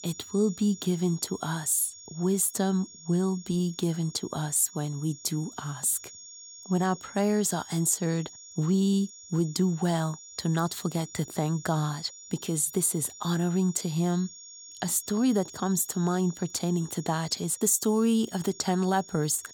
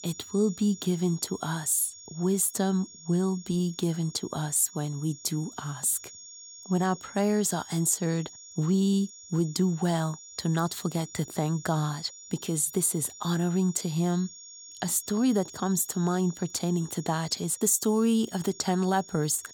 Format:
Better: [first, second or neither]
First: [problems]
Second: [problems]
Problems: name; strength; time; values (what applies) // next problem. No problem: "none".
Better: neither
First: high-pitched whine; noticeable; throughout; 6.5 kHz, 15 dB below the speech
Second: high-pitched whine; noticeable; throughout; 6.5 kHz, 15 dB below the speech